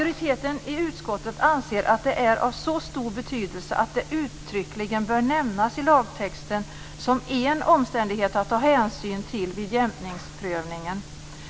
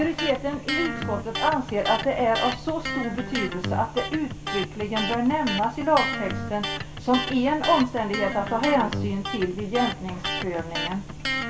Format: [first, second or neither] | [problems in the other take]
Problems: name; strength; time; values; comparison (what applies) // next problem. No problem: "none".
first | background sound (Electric guitar); 6 dB below the speech // room echo; dies away in 0.3 s